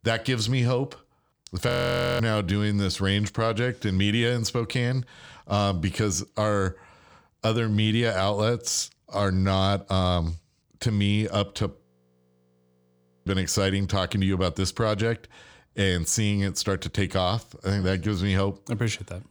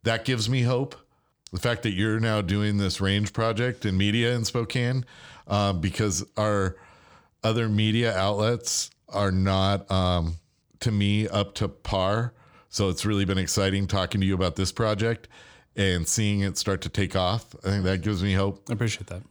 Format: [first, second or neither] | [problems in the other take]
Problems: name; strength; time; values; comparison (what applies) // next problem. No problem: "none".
second | audio freezing; at 1.5 s for 0.5 s and at 12 s for 1.5 s